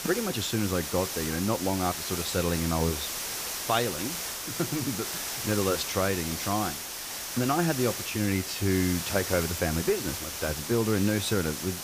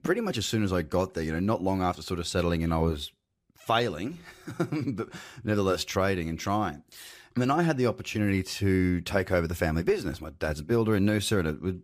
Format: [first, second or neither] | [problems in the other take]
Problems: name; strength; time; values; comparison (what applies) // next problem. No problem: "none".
second | hiss; loud; throughout; 3 dB below the speech